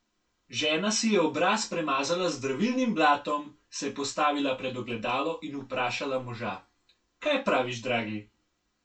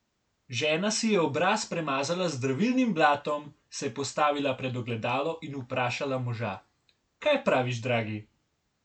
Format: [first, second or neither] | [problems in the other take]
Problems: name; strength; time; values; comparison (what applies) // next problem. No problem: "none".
second | room echo; dies away in 0.1 s